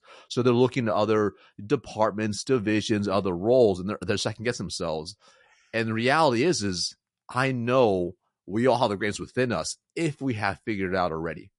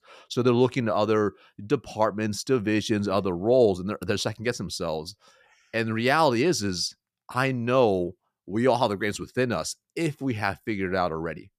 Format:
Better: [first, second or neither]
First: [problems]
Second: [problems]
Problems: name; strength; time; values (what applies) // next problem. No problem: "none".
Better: second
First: garbled, watery; slightly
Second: none